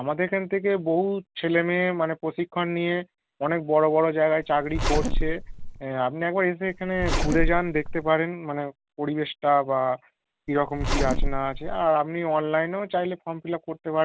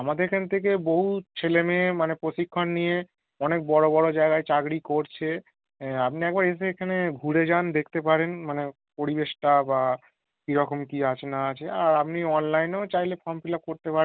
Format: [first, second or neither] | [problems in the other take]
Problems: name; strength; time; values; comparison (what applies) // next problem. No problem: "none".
second | background sound (Zipper (clothing)); as loud as the speech